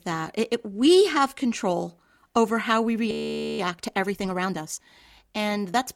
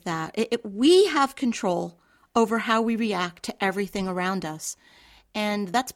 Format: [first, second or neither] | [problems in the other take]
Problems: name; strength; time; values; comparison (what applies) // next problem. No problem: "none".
second | audio freezing; at 3 s